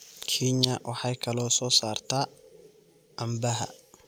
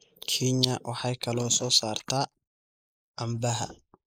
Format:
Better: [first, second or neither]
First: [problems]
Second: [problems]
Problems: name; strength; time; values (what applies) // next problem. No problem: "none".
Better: first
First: none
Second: noise reduction (neural mask model Resemble Enhance denoiser)